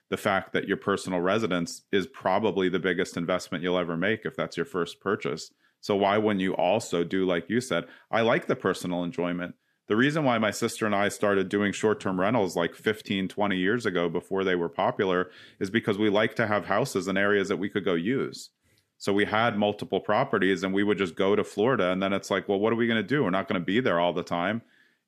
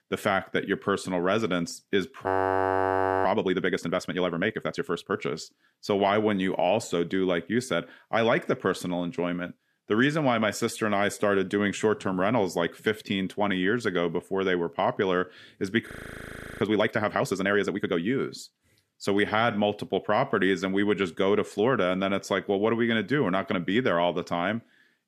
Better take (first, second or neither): first